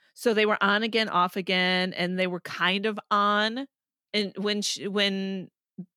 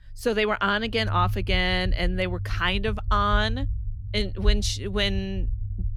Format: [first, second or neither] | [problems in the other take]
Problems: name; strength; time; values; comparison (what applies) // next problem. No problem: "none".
first | low rumble; faint; throughout; 25 dB below the speech